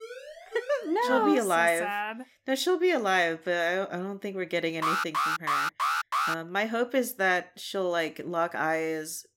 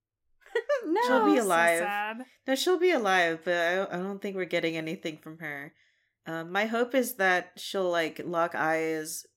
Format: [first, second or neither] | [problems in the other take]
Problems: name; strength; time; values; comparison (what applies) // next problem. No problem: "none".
second | siren; faint; until 1 s; peak 15 dB below the speech // alarm; loud; from 5 to 6.5 s; peak 1 dB above the speech